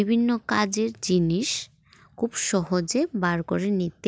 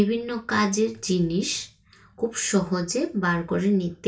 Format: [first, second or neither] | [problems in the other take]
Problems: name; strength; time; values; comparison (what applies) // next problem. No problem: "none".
first | room echo; dies away in 0.2 s